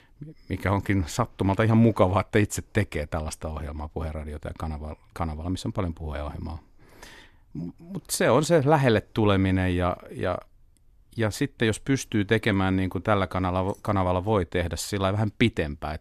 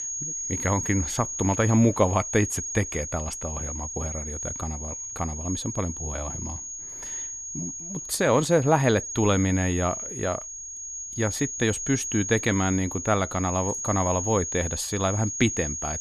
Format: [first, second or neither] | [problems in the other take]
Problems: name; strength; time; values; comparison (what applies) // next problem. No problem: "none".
first | high-pitched whine; loud; throughout; 6.5 kHz, 5 dB below the speech